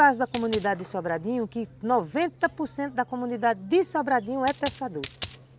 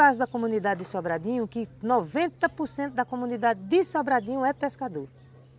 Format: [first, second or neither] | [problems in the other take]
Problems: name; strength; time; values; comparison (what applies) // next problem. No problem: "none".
second | background sound (Coin (dropping)); 14 dB below the speech